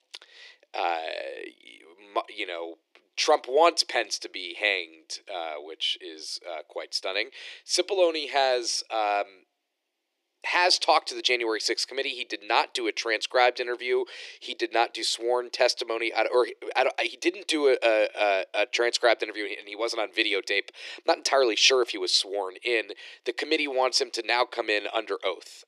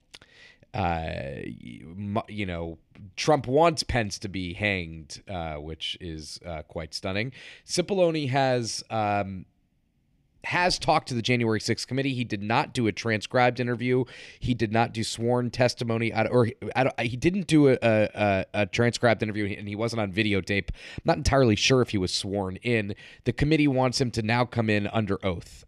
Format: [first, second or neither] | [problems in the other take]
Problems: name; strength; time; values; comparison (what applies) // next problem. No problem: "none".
second | thin; very; fading below 350 Hz